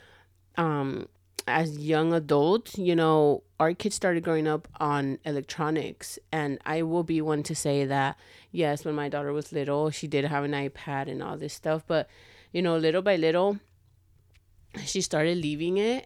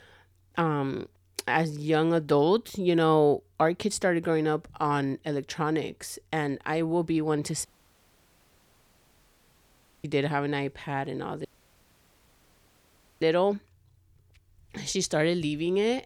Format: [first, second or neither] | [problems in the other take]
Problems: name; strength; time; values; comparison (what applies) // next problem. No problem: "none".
first | audio cutting out; at 7.5 s for 2.5 s and at 11 s for 2 s